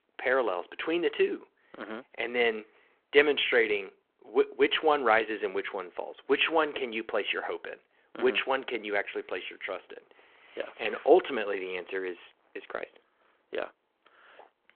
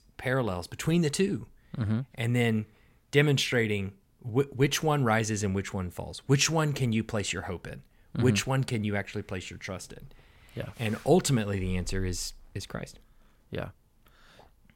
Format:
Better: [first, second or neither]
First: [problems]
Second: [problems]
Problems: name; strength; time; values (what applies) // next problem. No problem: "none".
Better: second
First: phone-call audio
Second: none